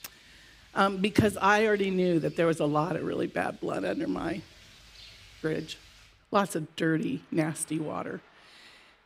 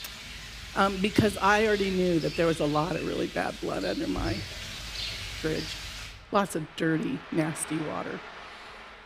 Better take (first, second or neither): first